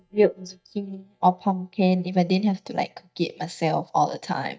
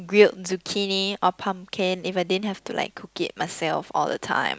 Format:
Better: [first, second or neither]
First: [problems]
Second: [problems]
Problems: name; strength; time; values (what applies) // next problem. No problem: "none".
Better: second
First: noise reduction (neural mask model DeepFilterNet 3)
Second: none